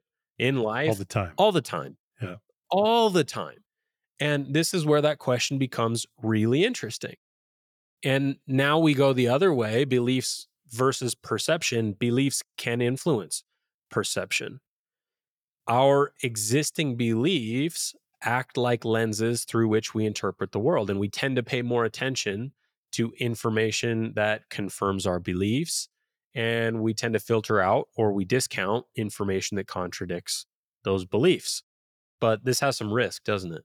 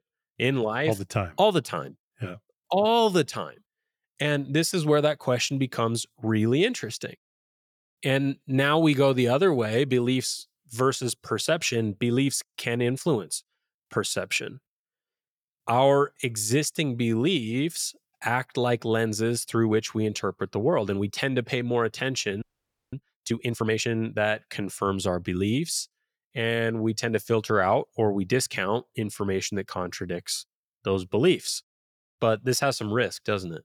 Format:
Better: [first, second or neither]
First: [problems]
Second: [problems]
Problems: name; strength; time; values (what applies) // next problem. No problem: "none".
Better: first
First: none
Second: audio freezing; at 22 s for 0.5 s